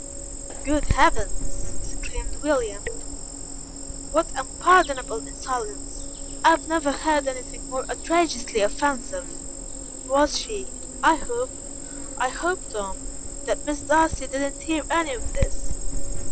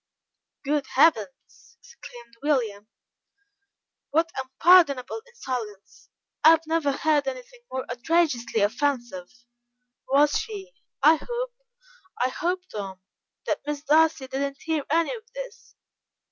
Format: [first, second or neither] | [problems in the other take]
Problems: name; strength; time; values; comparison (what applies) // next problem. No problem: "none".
second | background sound (Cricket); 2 dB below the speech